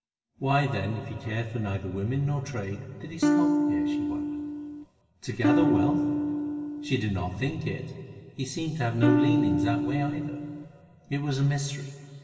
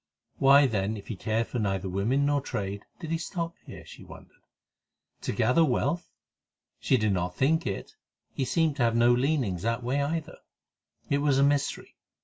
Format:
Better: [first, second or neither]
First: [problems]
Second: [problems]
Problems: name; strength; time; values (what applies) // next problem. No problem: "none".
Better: second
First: background sound (Electric guitar / Strum); 4 dB above the speech // room echo; dies away in 2.9 s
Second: none